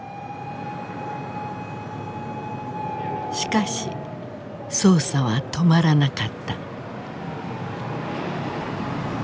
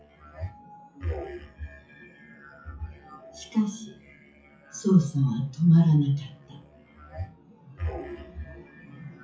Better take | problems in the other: first | noise reduction (classical method WPE with log-MMSE)

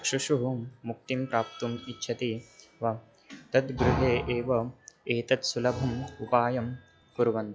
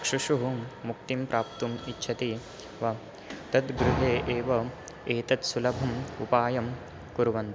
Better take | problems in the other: second | noise reduction (classical method log-MMSE)

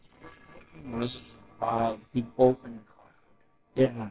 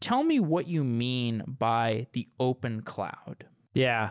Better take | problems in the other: second | noise reduction (neural separator model SepFormer WHAMR!)

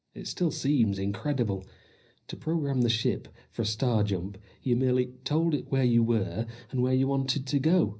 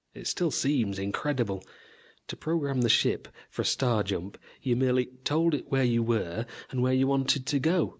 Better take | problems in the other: second | room echo; dies away in 0.5 s

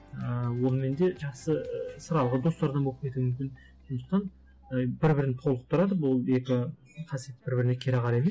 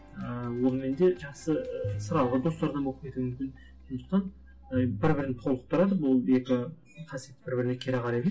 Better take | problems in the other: first | background sound (Piano); 12 dB below the speech // room echo; dies away in 0.2 s

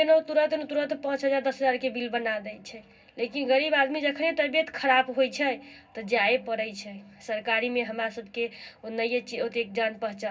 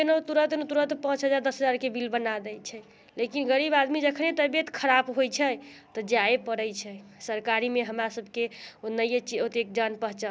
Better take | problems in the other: second | room echo; dies away in 0.4 s

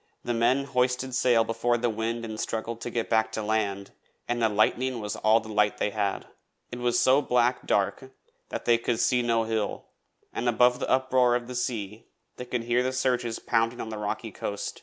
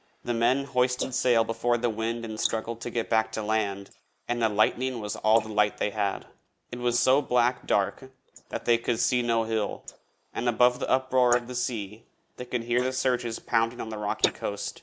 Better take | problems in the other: first | noise reduction (neural mask model Resemble Enhance denoiser)

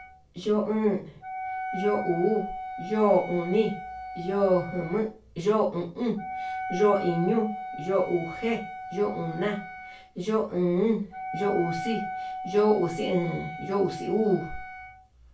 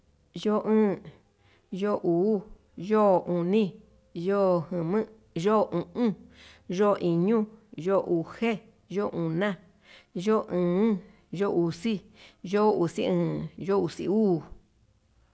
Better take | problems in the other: second | background sound (Wind instrument, woodwind instrument); 10 dB below the speech // room echo; dies away in 0.2 s

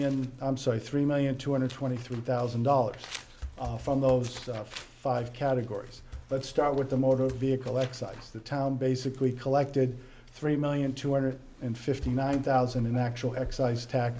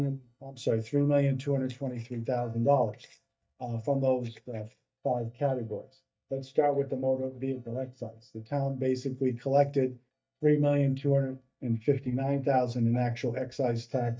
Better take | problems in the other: first | noise reduction (neural mask model DeepFilterNet 3)

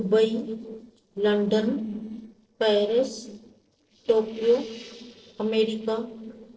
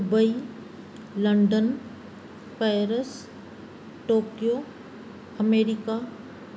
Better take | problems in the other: second | noise reduction (neural separator model SepFormer DNS4)

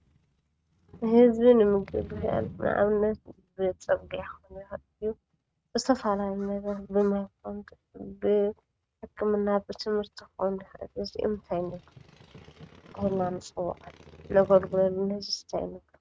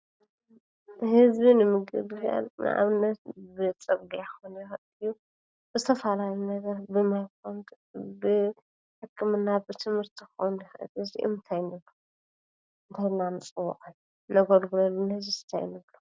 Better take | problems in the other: second | noise reduction (neural mask model RNNoise)

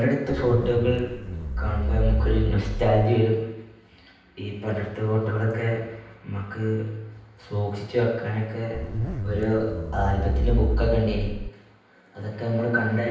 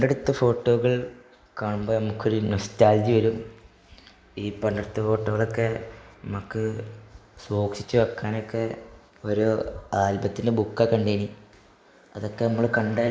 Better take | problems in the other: second | background sound (Zipper (clothing)); as loud as the speech // room echo; dies away in 0.9 s

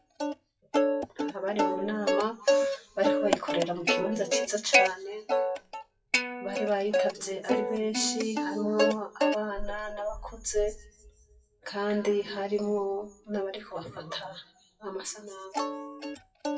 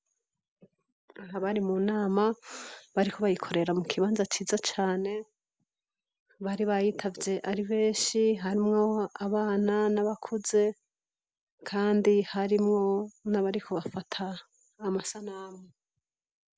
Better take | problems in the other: second | noise reduction (classical method WPE with log-MMSE)

